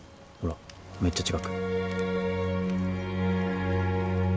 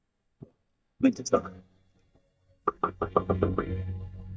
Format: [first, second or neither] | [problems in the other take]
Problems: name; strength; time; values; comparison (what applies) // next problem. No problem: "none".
first | noise reduction (neural mask model DeepFilterNet 3)